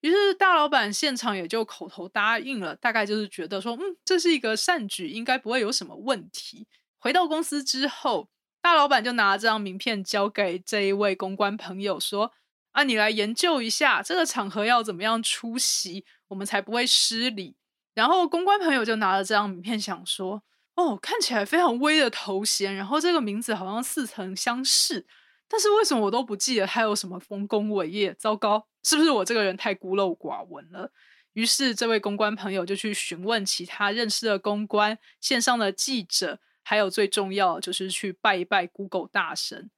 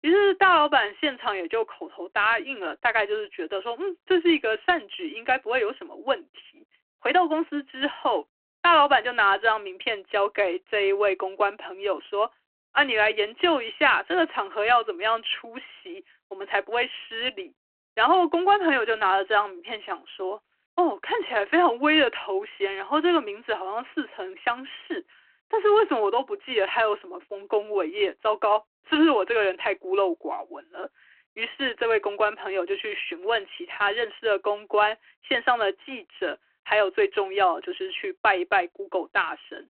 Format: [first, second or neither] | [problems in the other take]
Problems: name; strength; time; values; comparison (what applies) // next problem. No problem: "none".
first | phone-call audio